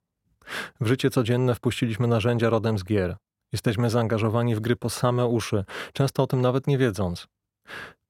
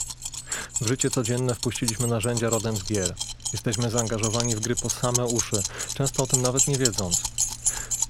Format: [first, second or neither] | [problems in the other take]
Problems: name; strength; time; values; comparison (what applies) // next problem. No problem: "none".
first | household noises; very loud; throughout; 1 dB above the speech